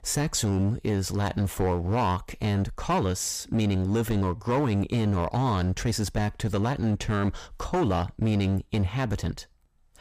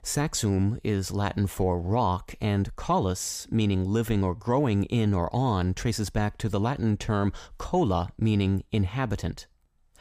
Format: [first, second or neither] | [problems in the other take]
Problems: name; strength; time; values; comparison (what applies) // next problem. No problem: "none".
second | distortion; slight; 10% of the sound clipped